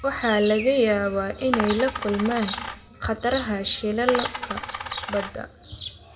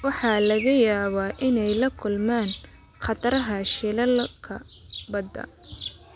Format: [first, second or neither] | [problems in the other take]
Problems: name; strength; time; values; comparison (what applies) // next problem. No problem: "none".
second | background sound (Coin (dropping)); 7 dB below the speech // room echo; dies away in 0.9 s